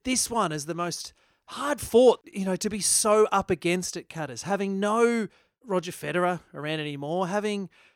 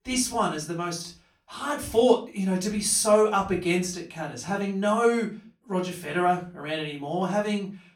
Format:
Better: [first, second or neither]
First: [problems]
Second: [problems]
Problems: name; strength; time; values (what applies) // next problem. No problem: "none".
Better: first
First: none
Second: off-mic speech; far // room echo; slight; dies away in 0.3 s